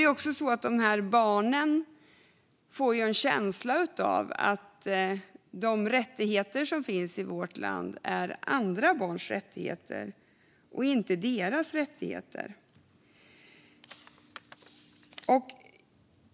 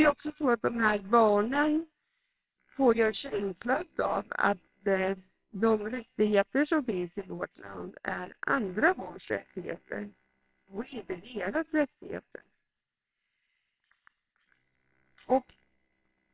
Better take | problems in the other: first | noise reduction (neural separator model SepFormer WHAMR!)

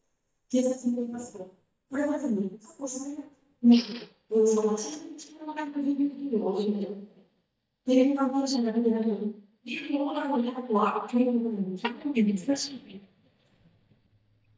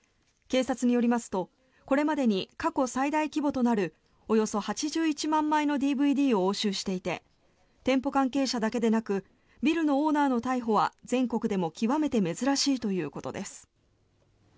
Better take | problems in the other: second | noise reduction (neural mask model DeepFilterNet 3)

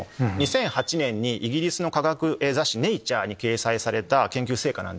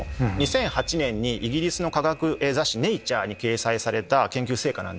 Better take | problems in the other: first | background sound (Alarm); 16 dB below the speech

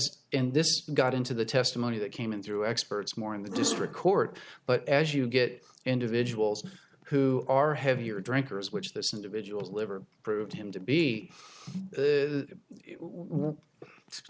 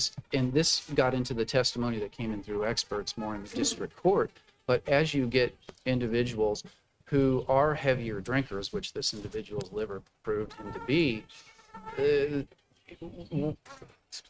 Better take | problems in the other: first | noise reduction (neural mask model RNNoise)

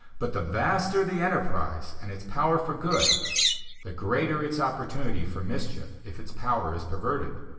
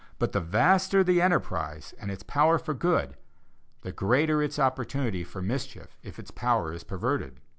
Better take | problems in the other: second | background sound (Bird); 1 dB above the speech // room echo; dies away in 1 s

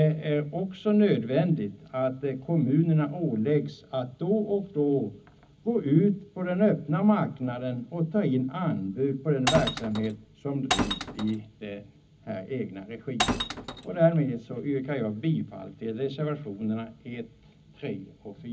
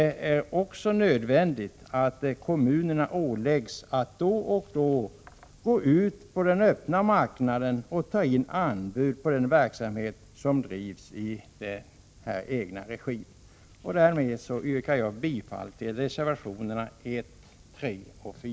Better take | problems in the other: second | background sound (Glass); 4 dB below the speech // room echo; dies away in 0.4 s

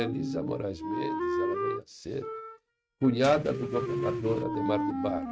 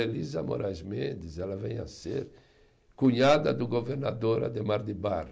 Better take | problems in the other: second | noise reduction (neural mask model RNNoise)

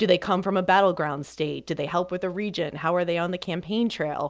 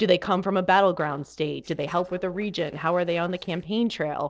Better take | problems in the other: first | noise reduction (neural separator model SepFormer DNS4)

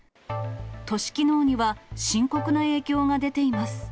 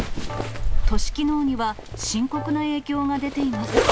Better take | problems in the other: first | background sound (Zipper (clothing)); 2 dB above the speech

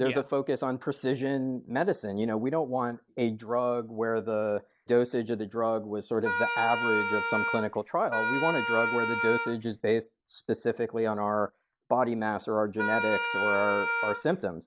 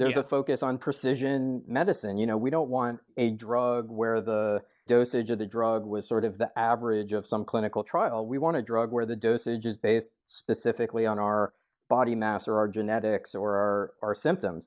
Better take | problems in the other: second | background sound (Wind instrument, woodwind instrument); 1 dB below the speech

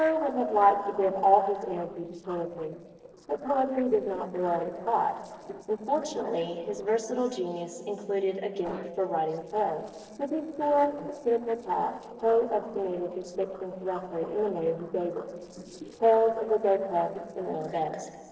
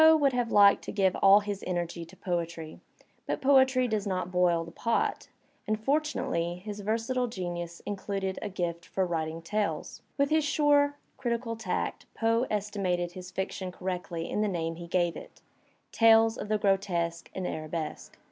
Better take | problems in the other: second | noise reduction (neural separator model SepFormer DNS4)

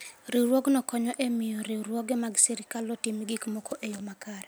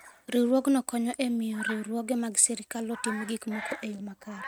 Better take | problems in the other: first | noise reduction (neural mask model RNNoise)

